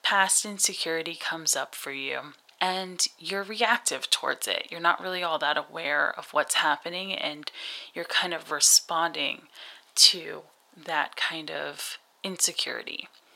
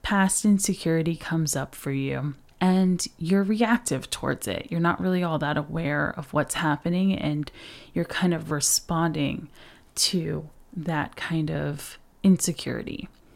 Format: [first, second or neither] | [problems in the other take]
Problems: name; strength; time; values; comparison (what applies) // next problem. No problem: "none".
second | thin; very; fading below 700 Hz